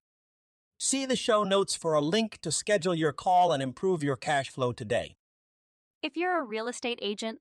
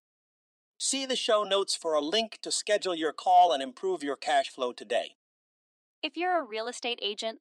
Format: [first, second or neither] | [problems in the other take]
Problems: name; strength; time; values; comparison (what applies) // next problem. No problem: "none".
first | thin; somewhat; fading below 250 Hz